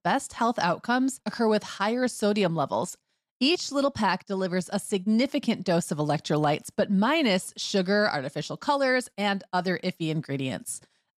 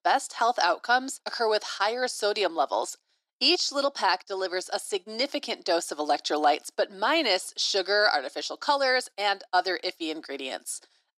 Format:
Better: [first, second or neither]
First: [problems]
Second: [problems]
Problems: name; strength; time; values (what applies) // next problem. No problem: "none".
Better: first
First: none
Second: thin; very; fading below 300 Hz